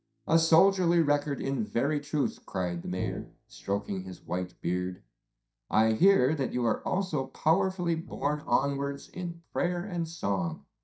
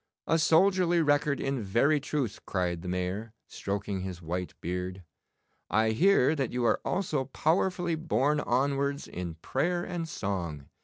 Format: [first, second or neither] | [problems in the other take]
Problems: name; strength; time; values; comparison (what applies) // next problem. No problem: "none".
second | noise reduction (neural mask model DeepFilterNet 3)